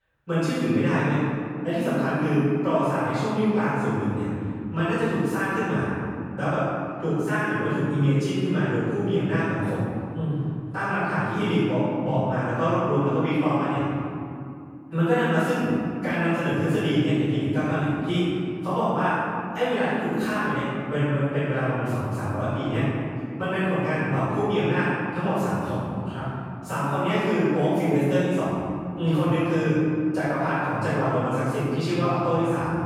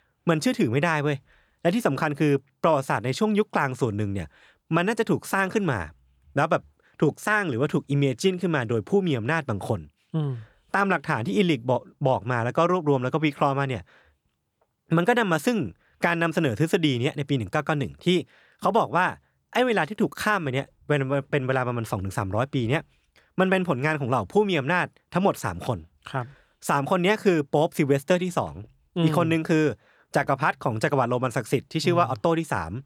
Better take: second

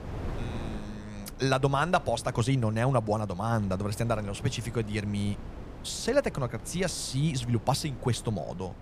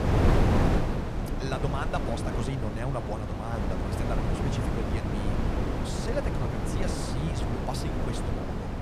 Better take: first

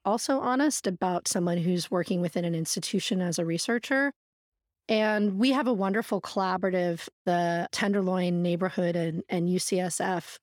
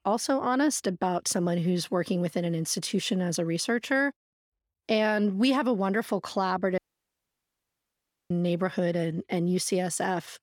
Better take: first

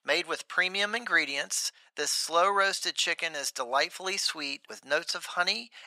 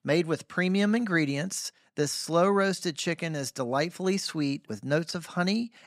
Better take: second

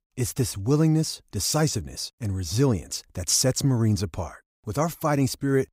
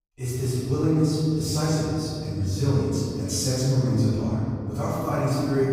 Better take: first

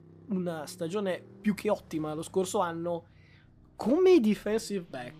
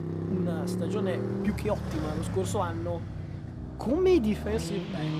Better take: first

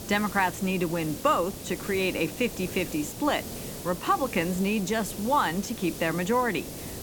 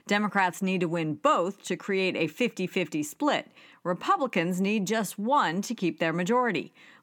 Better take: second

